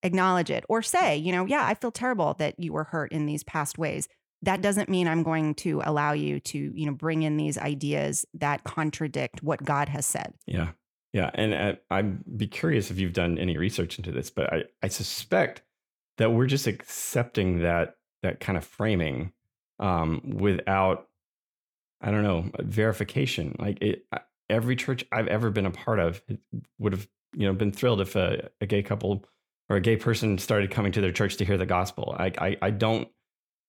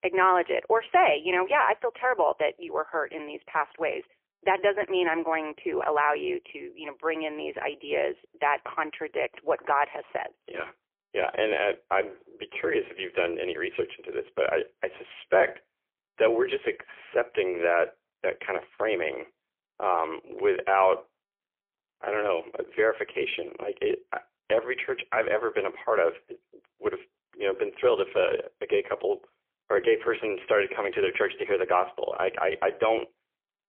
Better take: first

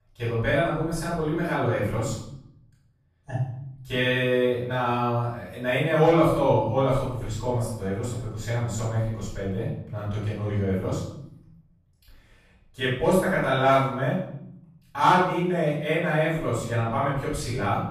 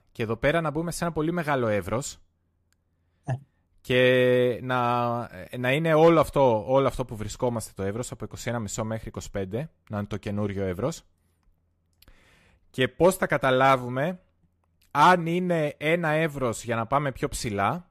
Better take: second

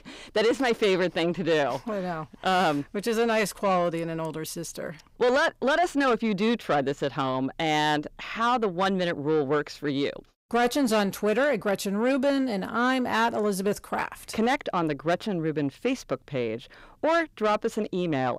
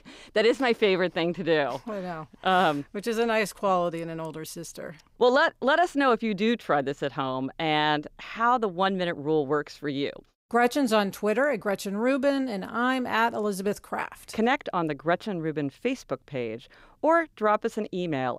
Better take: second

